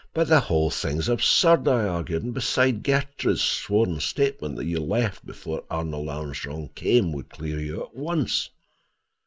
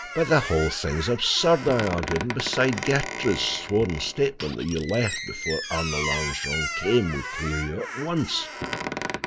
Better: first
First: none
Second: background sound (Squeak); 7 dB below the speech

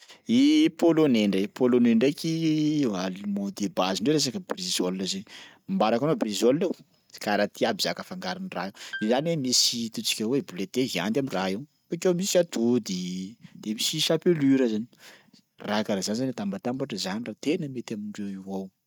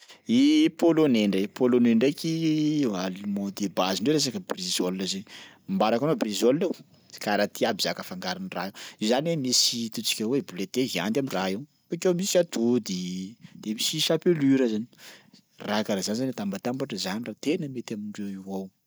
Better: second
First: noise reduction (neural mask model RNNoise)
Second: none

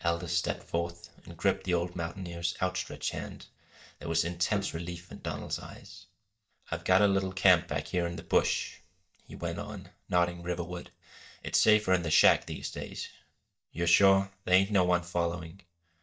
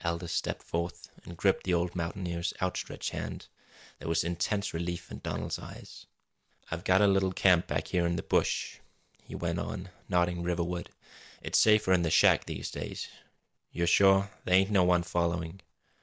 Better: second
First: noise reduction (neural mask model DeepFilterNet 3)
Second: none

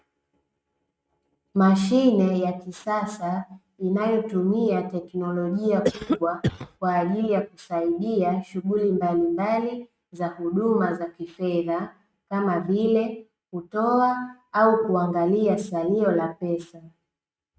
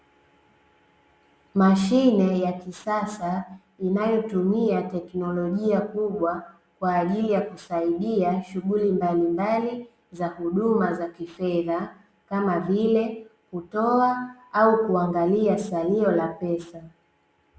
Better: second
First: noise reduction (neural mask model RNNoise)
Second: none

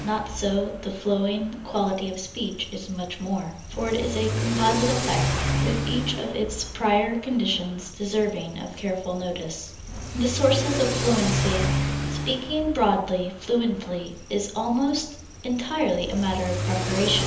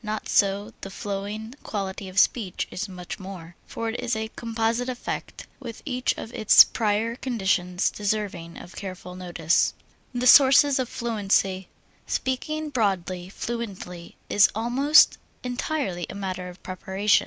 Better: second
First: background sound (Accelerating, revving, vroom / Car); 4 dB below the speech // room echo; dies away in 0.7 s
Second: none

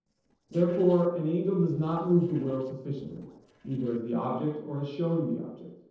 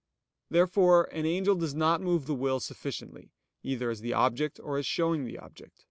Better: second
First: noise reduction (neural separator model SepFormer DNS4)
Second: none

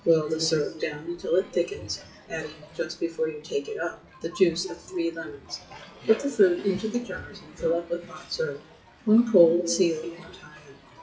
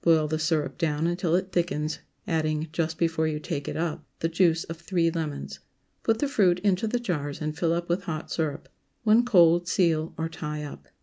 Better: second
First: noise reduction (classical method WPE with log-MMSE)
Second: none

